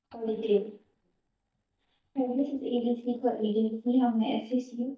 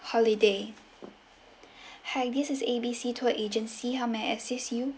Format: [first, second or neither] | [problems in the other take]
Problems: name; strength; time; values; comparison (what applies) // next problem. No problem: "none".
second | noise reduction (neural mask model DeepFilterNet 3)